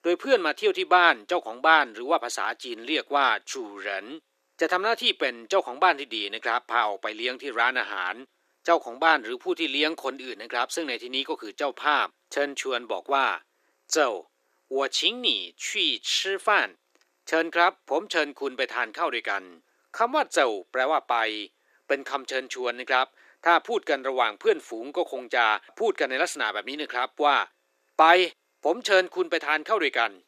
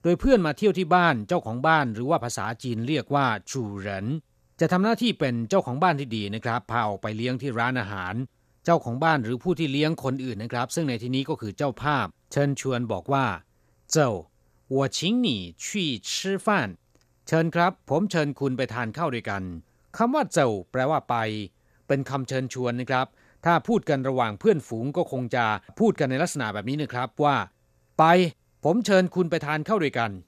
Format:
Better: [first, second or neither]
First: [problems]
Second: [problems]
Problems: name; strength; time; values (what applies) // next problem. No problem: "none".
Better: second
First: thin; very; fading below 300 Hz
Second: none